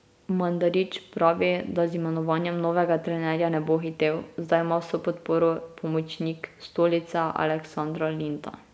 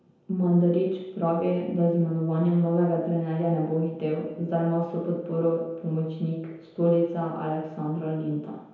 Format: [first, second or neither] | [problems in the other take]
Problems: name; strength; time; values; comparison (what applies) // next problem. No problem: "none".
first | room echo; dies away in 0.9 s